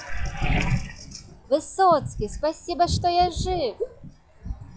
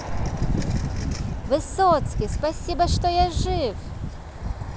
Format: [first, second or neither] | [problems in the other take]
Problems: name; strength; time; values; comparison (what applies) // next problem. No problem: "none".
second | noise reduction (classical method log-MMSE)